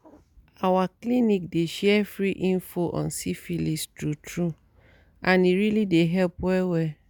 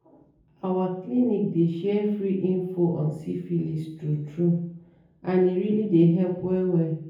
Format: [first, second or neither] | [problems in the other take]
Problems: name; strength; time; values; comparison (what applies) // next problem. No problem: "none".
first | room echo; dies away in 0.7 s